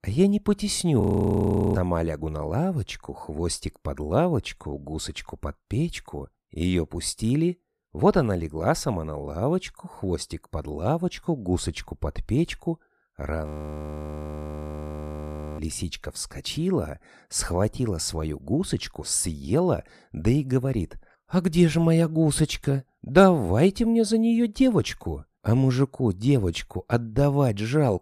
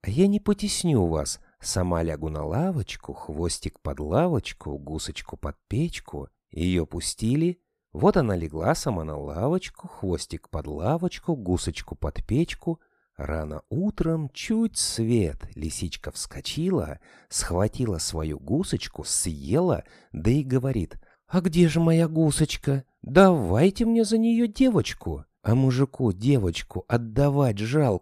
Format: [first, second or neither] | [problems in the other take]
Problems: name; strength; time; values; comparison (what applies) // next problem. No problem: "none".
second | audio freezing; at 1 s for 0.5 s and at 13 s for 2 s